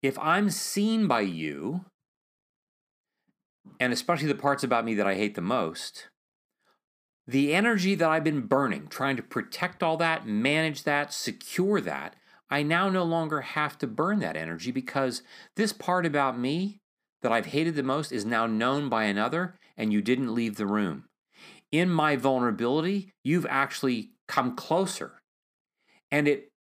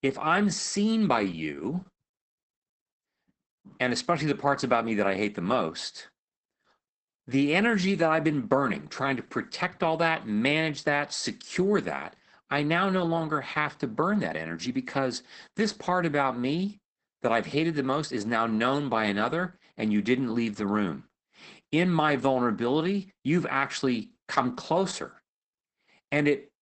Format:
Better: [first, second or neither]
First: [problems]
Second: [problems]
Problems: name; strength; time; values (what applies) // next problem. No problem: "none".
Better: first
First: none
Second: garbled, watery; badly; nothing above 8 kHz